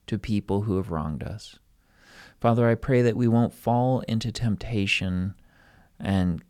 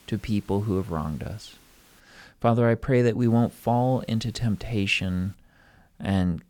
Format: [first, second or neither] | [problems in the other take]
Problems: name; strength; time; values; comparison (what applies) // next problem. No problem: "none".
first | hiss; faint; until 2 s and from 3 to 5.5 s; 30 dB below the speech